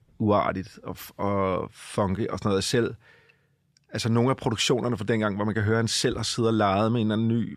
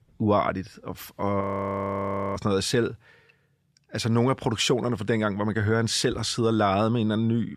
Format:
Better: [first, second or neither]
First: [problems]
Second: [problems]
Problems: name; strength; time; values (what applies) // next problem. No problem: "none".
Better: first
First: none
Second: audio freezing; at 1.5 s for 1 s